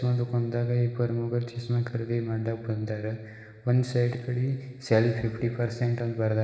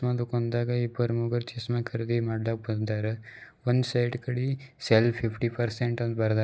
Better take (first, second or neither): second